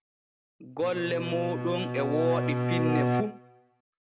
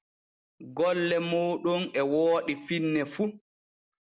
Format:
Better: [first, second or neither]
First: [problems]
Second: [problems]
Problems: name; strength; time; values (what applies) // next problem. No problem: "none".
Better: second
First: background sound (Bowed string instrument); 1 dB above the speech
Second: none